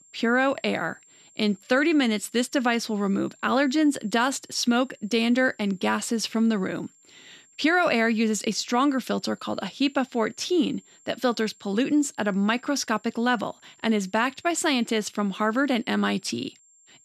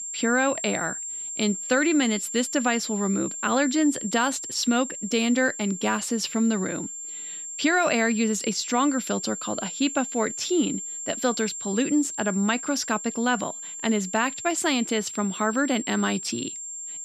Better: first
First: high-pitched whine; faint; throughout; 7.5 kHz, 30 dB below the speech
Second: high-pitched whine; loud; throughout; 7.5 kHz, 7 dB below the speech

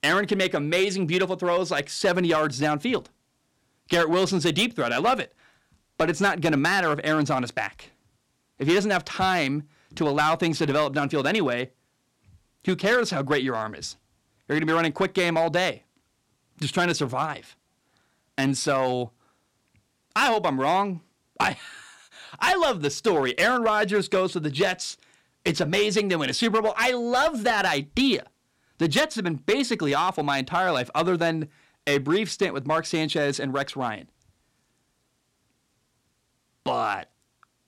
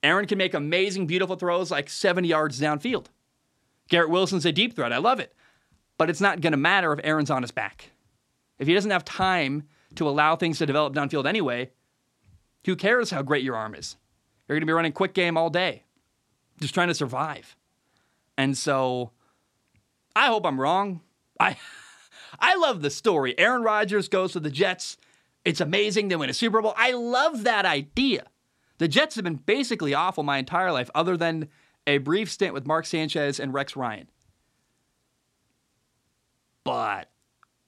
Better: second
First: distortion; slight; 3% of the sound clipped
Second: none

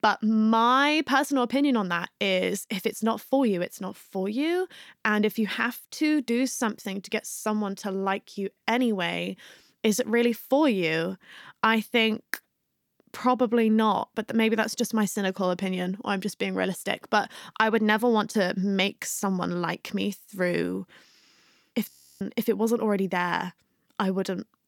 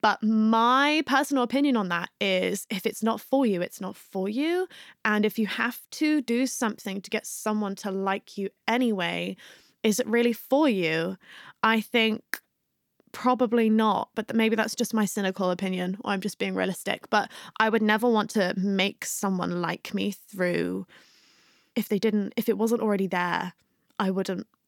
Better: second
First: audio freezing; at 22 s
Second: none

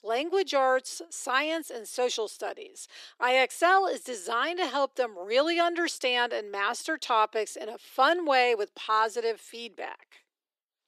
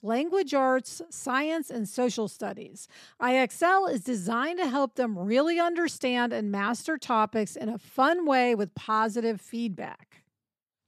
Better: second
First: thin; very; fading below 350 Hz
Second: none

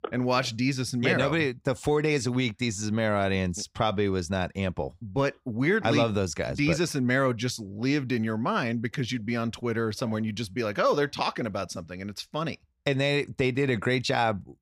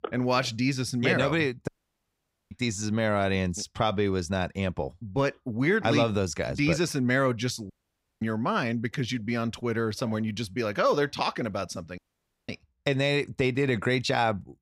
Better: first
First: none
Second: audio cutting out; at 1.5 s for 1 s, at 7.5 s for 0.5 s and at 12 s for 0.5 s

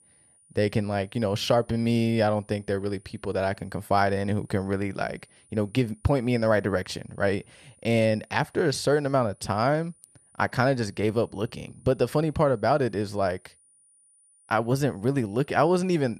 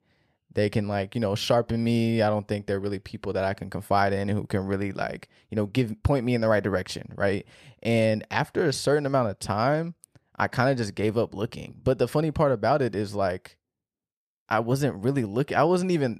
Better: second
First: high-pitched whine; faint; throughout; 9.5 kHz, 30 dB below the speech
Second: none

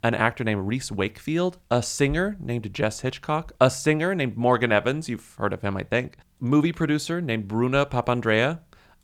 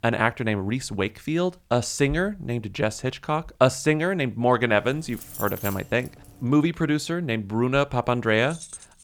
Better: first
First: none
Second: jangling keys; noticeable; from 4.5 to 6.5 s; peak 8 dB below the speech // jangling keys; faint; at 8.5 s; peak 15 dB below the speech

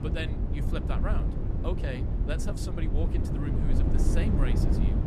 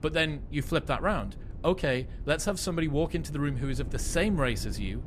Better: second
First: low rumble; loud; throughout; as loud as the speech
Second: low rumble; faint; throughout; 20 dB below the speech

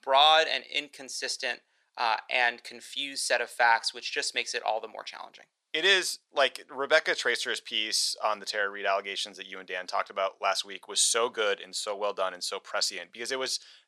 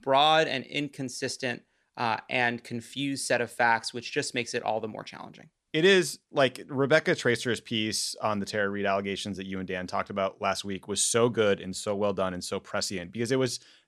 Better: second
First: thin; very; fading below 700 Hz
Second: none

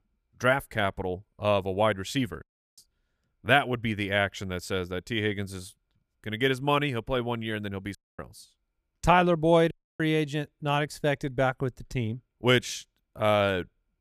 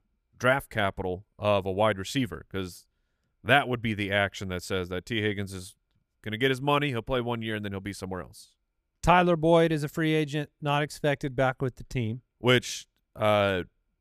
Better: second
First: audio cutting out; at 2.5 s, at 8 s and at 9.5 s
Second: none

